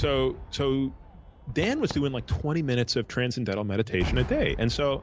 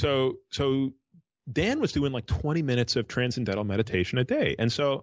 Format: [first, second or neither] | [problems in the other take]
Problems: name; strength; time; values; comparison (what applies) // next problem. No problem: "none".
second | background sound (Cheering / Fireworks); 11 dB below the speech